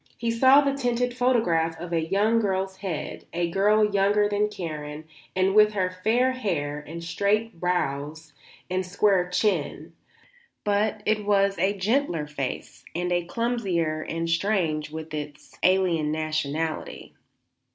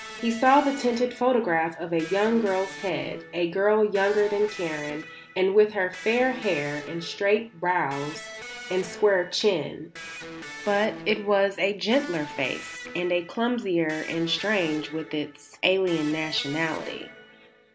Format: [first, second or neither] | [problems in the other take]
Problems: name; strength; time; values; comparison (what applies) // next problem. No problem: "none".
first | background sound (Electric guitar); 15 dB below the speech